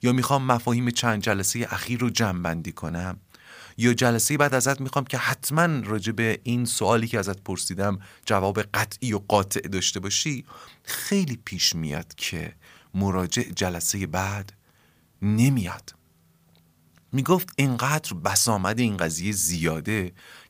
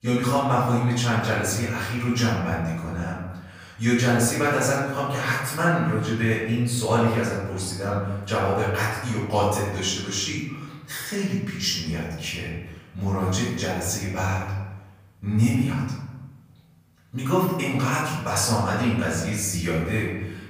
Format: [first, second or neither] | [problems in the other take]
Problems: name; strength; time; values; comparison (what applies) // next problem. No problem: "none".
first | off-mic speech; far // room echo; noticeable; dies away in 1 s